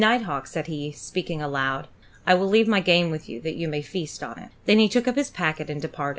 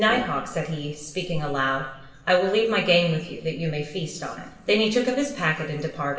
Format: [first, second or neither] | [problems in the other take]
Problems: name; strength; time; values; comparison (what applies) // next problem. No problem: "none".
first | background sound (Brass instrument); 15 dB below the speech // room echo; dies away in 1 s